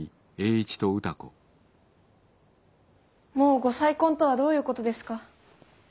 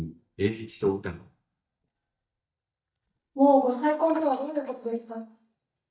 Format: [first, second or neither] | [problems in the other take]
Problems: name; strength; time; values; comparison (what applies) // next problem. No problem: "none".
first | noise reduction (neural mask model DeepFilterNet 3)